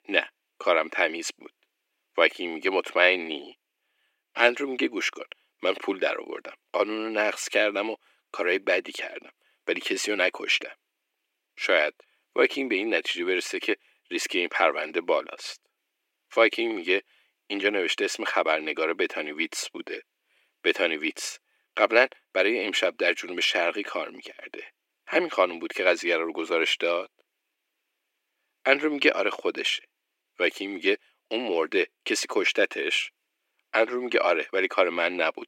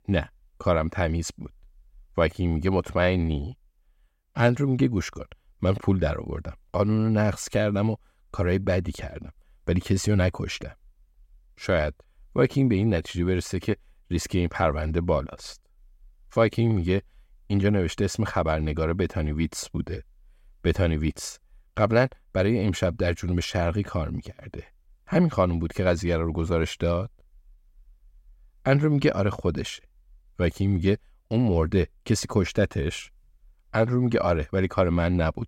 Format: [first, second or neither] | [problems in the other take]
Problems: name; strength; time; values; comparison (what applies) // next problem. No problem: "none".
second | thin; very; fading below 300 Hz